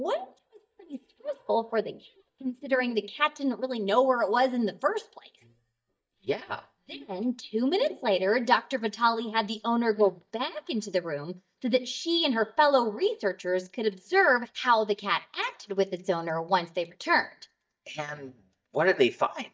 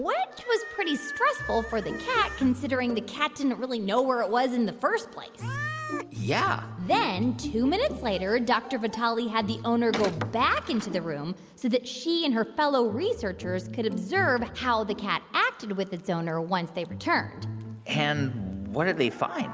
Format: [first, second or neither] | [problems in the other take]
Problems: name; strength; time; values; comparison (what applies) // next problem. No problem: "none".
second | noise reduction (neural mask model DeepFilterNet 3)